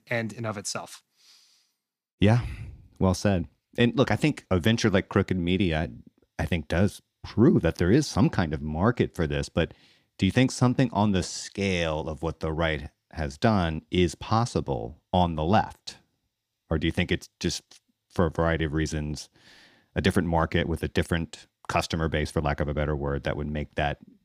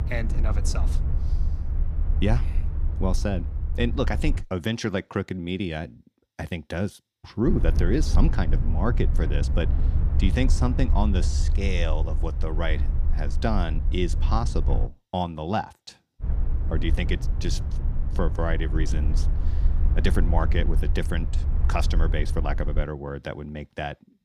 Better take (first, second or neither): first